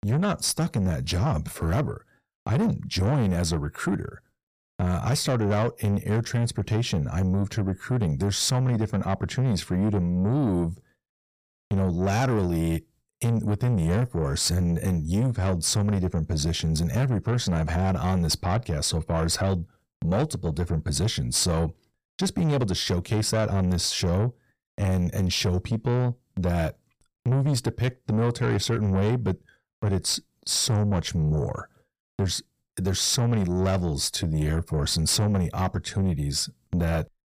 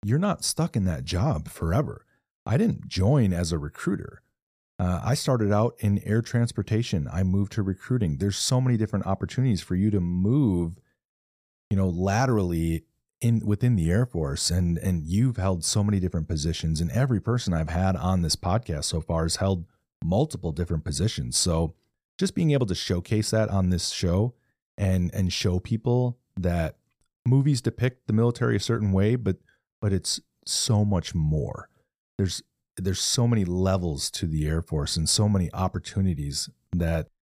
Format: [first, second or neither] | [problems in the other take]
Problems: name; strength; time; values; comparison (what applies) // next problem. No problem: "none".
second | distortion; slight; 10 dB below the speech